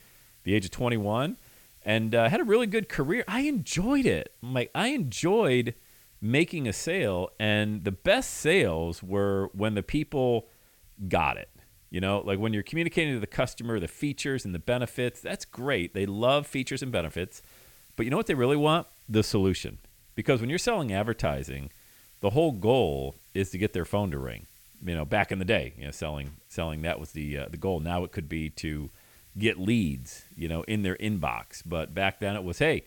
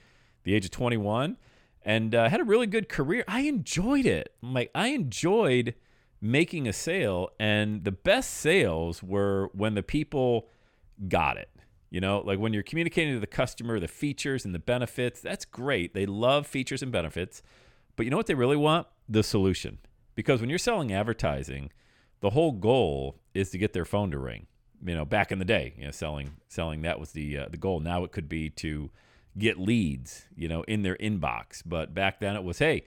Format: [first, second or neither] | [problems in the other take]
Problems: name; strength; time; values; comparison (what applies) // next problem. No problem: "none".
second | hiss; faint; throughout; 25 dB below the speech